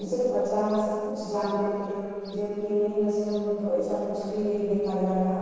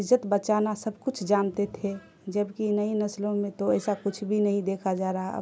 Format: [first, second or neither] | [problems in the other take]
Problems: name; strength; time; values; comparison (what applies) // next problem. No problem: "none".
second | noise reduction (neural separator model SepFormer DNS4)